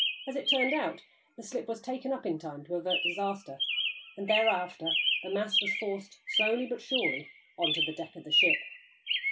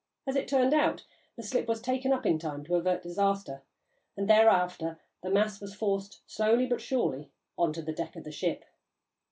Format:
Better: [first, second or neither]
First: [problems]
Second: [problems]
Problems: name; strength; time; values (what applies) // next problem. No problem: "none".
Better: second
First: background sound (Chirp, tweet); 1 dB above the speech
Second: none